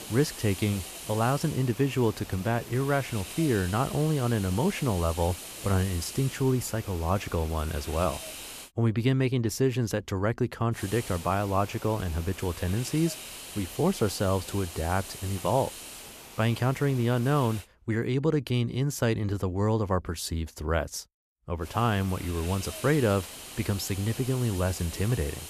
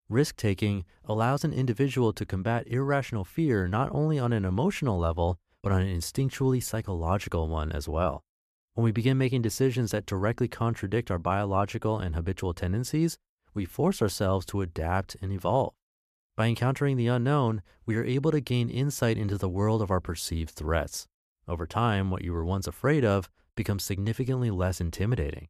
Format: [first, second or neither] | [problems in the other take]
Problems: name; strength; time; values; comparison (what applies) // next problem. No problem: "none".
second | hiss; noticeable; until 8.5 s, from 11 to 18 s and from 22 s on; 10 dB below the speech